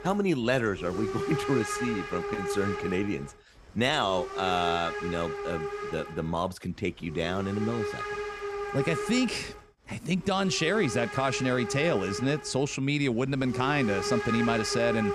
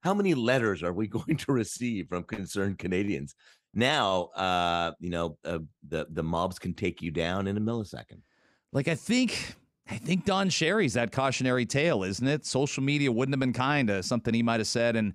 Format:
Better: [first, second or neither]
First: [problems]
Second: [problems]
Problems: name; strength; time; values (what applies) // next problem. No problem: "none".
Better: second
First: hiss; loud; throughout; 5 dB below the speech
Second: none